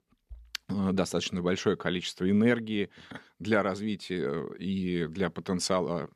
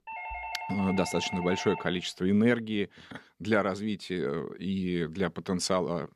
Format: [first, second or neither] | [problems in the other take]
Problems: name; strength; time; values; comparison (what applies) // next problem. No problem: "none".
first | doorbell; noticeable; until 2 s; peak 7 dB below the speech